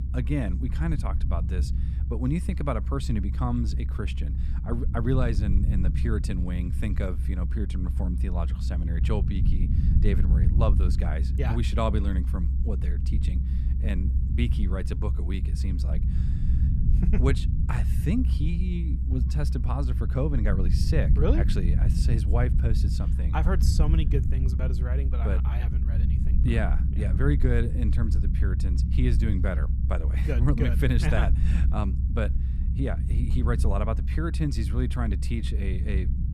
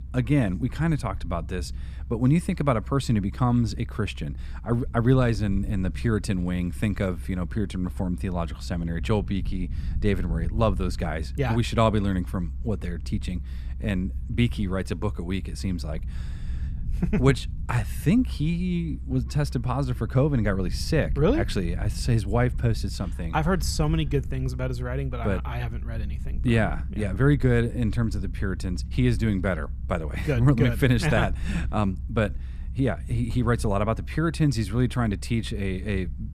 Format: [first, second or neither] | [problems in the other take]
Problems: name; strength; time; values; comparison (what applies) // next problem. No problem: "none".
second | low rumble; loud; throughout; 7 dB below the speech; faint in the second